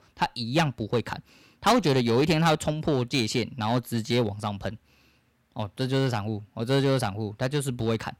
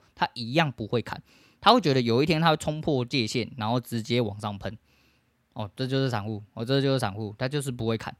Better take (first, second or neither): second